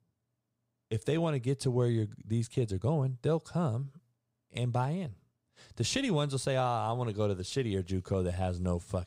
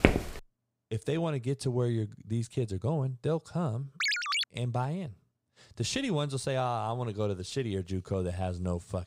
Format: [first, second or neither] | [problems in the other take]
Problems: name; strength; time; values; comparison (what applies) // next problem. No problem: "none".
first | footsteps; loud; at the start; peak 6 dB above the speech // phone ringing; loud; at 4 s; peak 5 dB above the speech